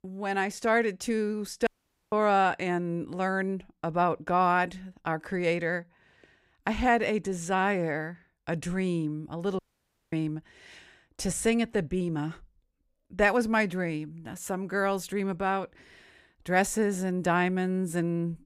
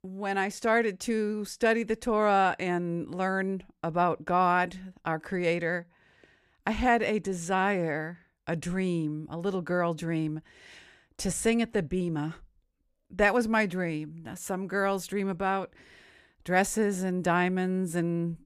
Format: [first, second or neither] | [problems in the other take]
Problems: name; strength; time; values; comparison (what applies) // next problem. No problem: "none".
second | audio cutting out; at 1.5 s and at 9.5 s for 0.5 s